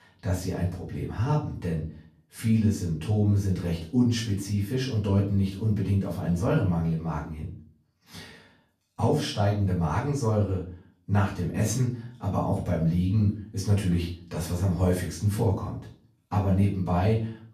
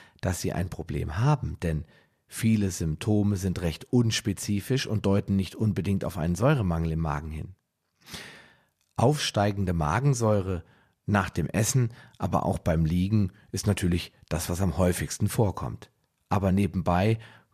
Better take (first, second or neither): second